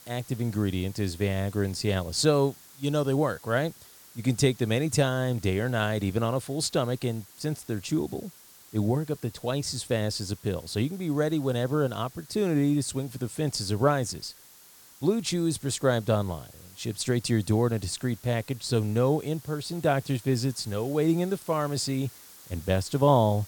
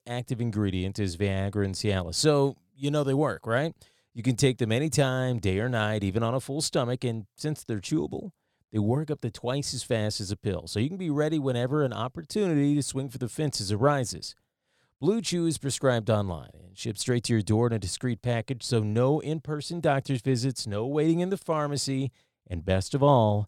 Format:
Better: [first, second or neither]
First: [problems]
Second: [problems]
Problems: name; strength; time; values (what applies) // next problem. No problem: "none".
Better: second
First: hiss; faint; throughout; 20 dB below the speech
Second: none